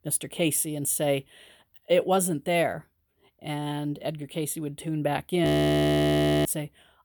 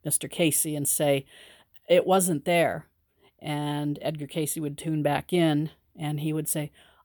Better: second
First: audio freezing; at 5.5 s for 1 s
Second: none

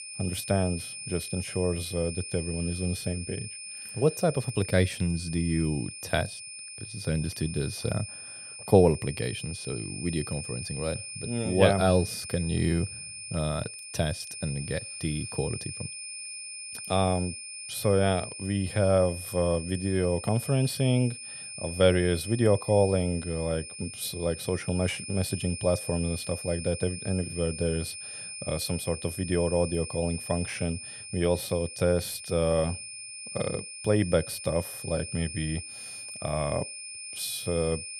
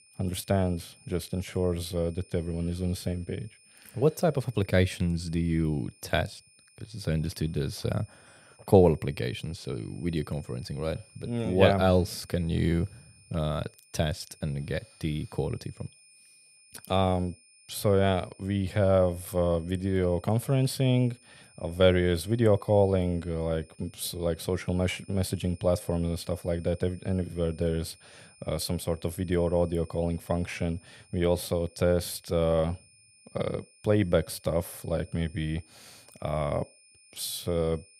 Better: second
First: high-pitched whine; loud; throughout; 2.5 kHz, 9 dB below the speech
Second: high-pitched whine; faint; throughout; 2.5 kHz, 25 dB below the speech

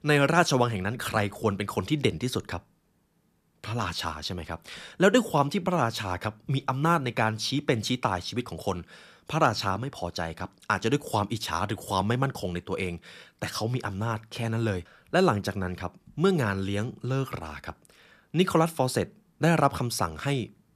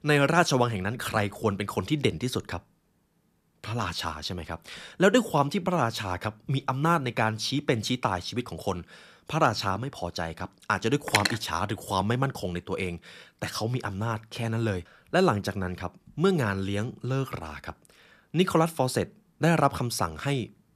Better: first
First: none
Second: clattering dishes; loud; at 11 s; peak 2 dB above the speech

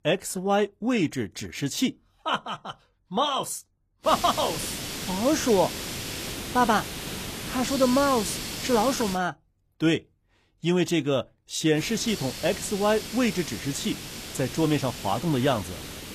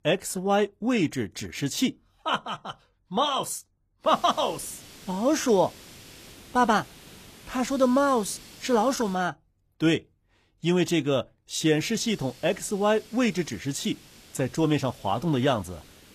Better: second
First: hiss; loud; from 4 to 9 s and from 12 s on; 7 dB below the speech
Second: hiss; faint; from 4 to 9 s and from 12 s on; 20 dB below the speech

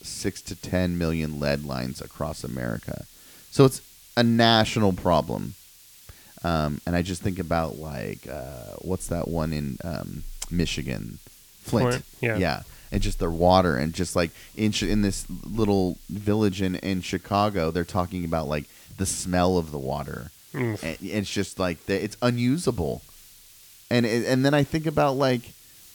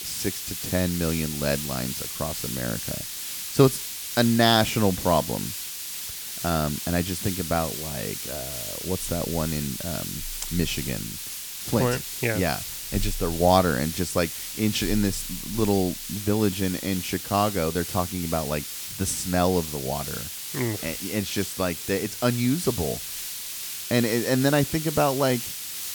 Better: first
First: hiss; faint; throughout; 25 dB below the speech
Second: hiss; loud; throughout; 5 dB below the speech

